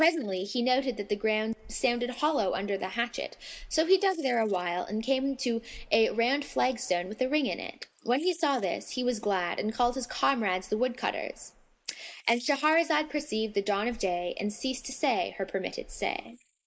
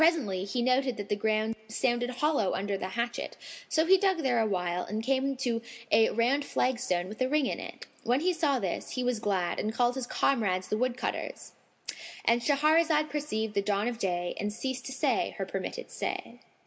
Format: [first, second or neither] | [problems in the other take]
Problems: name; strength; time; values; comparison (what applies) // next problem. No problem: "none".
second | noise reduction (neural mask model Resemble Enhance denoiser)